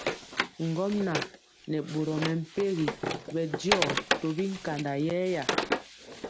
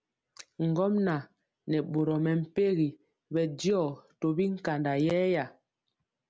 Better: second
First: background sound (Wood); 2 dB below the speech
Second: none

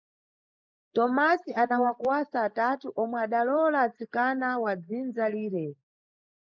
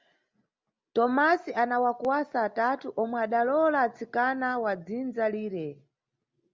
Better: second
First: noise reduction (neural mask model Resemble Enhance denoiser)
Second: none

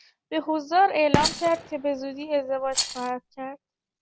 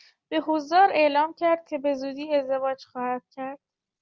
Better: second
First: background sound (Gunshot, gunfire + Rattle); 5 dB below the speech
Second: none

